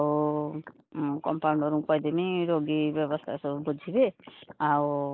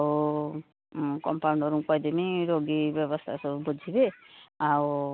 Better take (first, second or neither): second